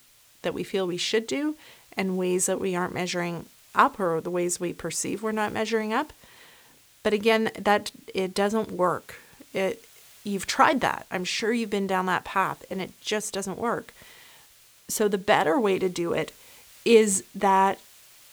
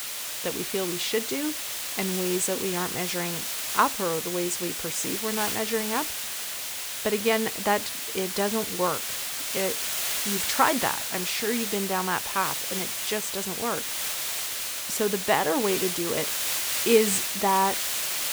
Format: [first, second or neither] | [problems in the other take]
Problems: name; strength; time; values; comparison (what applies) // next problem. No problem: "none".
first | hiss; loud; throughout; as loud as the speech; faint in the first